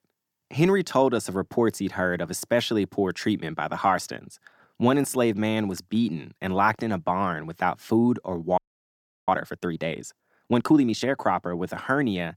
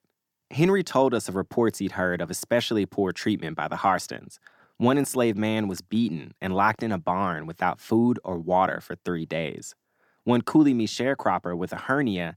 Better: second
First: audio freezing; at 8.5 s for 0.5 s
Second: none

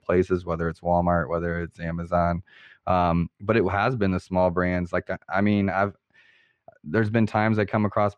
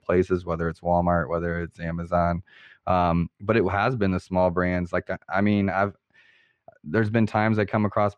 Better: neither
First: muffled; slightly; fading above 3 kHz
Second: muffled; slightly; fading above 3 kHz

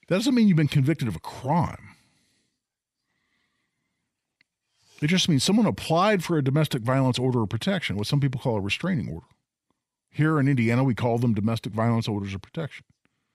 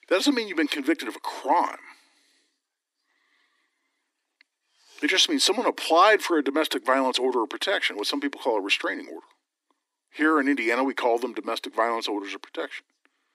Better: first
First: none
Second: thin; somewhat; fading below 300 Hz

